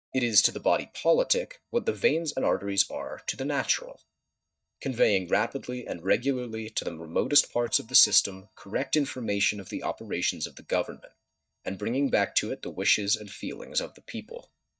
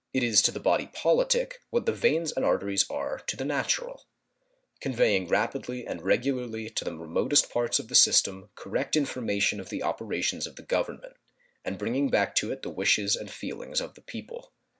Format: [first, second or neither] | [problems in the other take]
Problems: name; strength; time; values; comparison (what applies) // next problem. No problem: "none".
second | noise reduction (neural mask model DeepFilterNet 3)